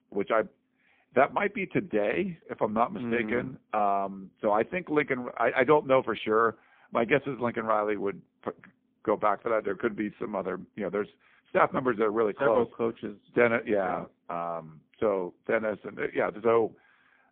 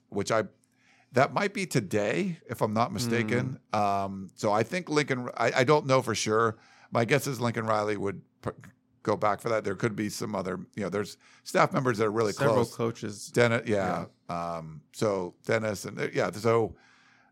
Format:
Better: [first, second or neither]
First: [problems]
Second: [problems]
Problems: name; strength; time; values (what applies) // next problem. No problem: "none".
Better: second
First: phone-call audio; poor line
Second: none